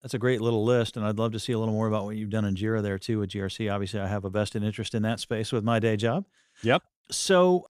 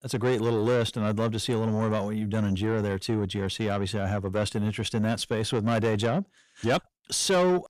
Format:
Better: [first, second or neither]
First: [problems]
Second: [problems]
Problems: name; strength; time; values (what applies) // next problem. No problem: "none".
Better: first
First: none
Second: distortion; slight; 9 dB below the speech